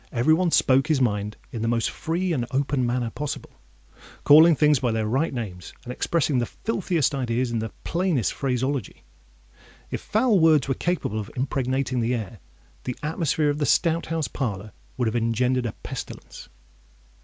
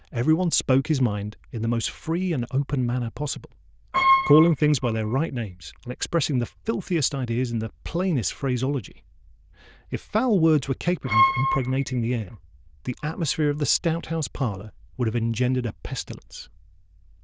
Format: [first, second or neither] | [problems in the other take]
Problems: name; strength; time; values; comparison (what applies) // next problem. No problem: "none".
first | noise reduction (neural diffusion model UNIVERSE++)